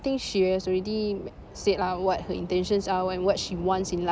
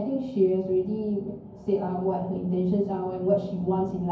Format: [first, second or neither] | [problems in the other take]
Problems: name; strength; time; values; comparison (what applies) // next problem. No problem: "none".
first | room echo; dies away in 0.9 s